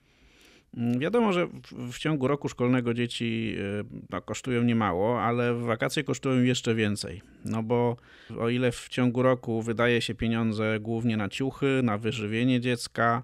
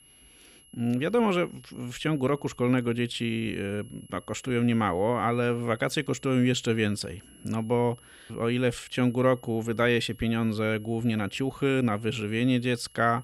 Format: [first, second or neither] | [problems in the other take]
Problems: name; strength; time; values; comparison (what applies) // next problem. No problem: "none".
first | high-pitched whine; faint; throughout; 11 kHz, 25 dB below the speech